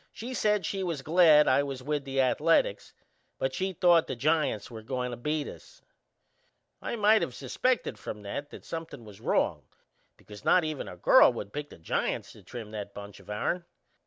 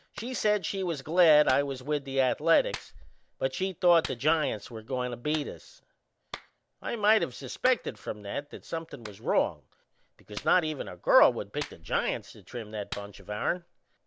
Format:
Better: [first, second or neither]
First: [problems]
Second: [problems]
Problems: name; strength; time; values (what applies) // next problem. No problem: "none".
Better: first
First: none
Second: background sound (Clapping); 19 dB below the speech